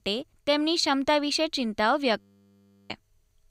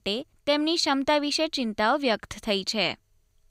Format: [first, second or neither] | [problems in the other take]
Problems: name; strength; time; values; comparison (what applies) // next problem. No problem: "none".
second | audio freezing; at 2 s for 0.5 s